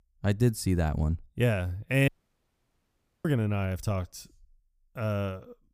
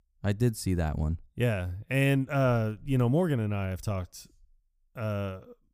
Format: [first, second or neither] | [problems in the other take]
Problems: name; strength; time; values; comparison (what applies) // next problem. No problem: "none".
second | audio cutting out; at 2 s for 1 s